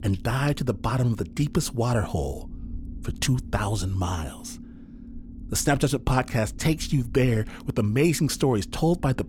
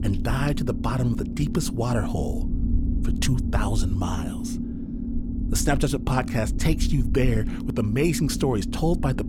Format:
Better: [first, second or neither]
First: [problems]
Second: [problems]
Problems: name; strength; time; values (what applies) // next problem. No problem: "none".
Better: first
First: low rumble; faint; throughout; 20 dB below the speech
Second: low rumble; loud; throughout; 8 dB below the speech